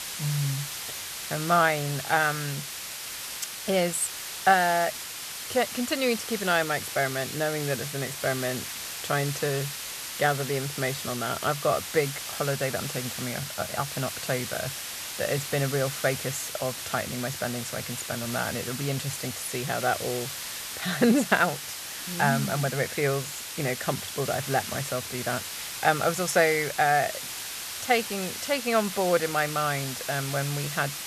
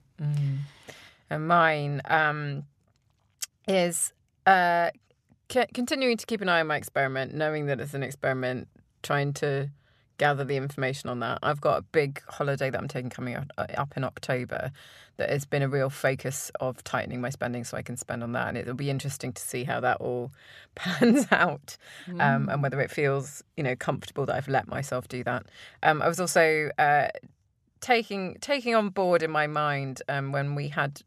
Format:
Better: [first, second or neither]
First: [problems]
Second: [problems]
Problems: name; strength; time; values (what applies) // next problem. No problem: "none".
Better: second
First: hiss; loud; throughout; 6 dB below the speech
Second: none